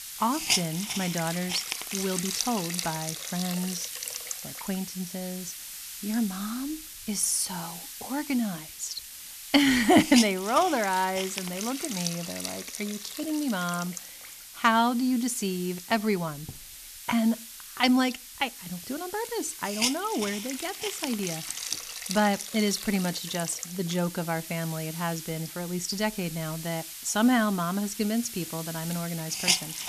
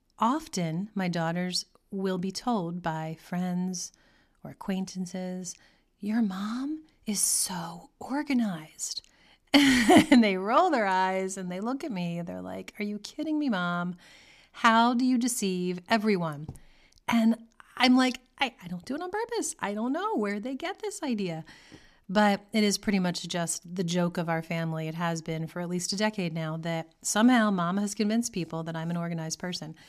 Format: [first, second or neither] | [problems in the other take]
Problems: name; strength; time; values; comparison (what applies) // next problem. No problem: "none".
second | hiss; loud; throughout; 6 dB below the speech